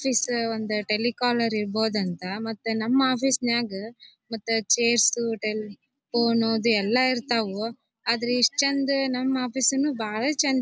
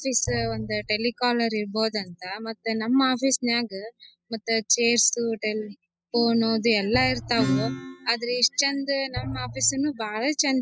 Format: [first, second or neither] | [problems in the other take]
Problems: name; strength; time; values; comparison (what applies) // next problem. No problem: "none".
first | noise reduction (classical method spectral subtraction)